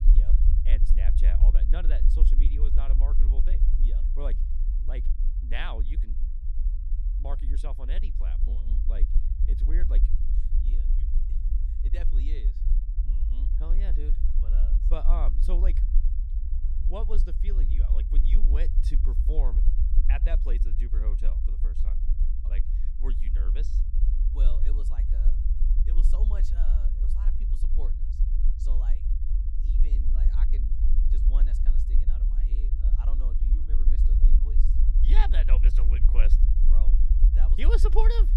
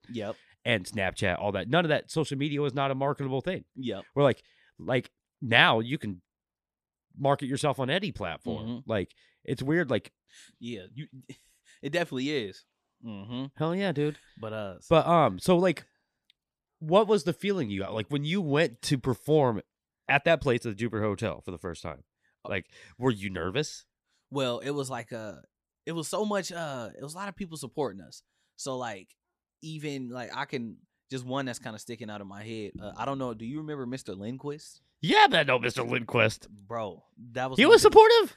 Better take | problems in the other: second | low rumble; loud; throughout; 7 dB below the speech

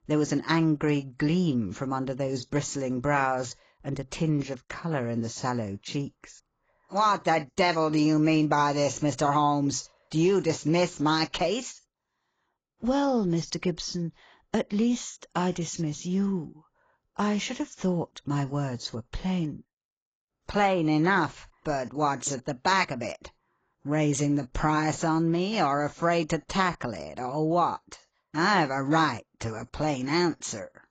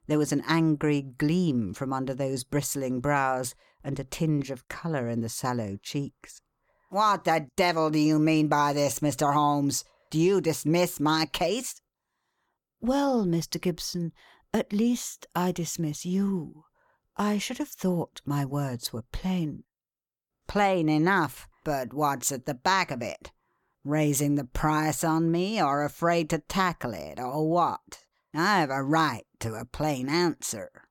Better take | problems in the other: second | garbled, watery; badly; nothing above 7.5 kHz

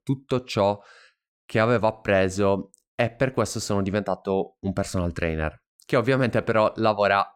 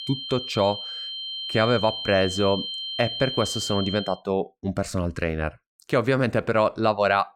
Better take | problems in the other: first | high-pitched whine; loud; until 4 s; 3 kHz, 5 dB below the speech

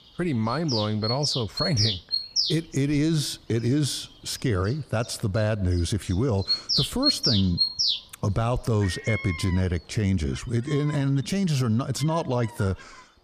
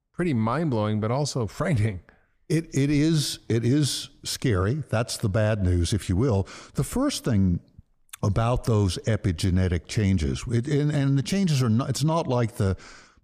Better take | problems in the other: second | animal sounds; very loud; throughout; 1 dB above the speech

